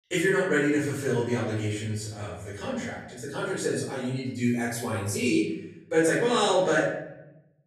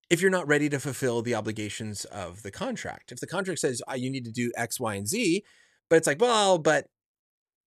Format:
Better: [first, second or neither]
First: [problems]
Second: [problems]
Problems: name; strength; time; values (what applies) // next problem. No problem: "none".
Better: second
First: off-mic speech; far // room echo; noticeable; dies away in 0.8 s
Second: none